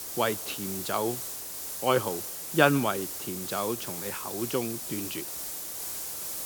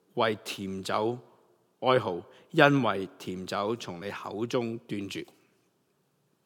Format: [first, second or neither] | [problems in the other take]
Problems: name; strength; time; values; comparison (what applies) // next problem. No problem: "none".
second | hiss; loud; throughout; 4 dB below the speech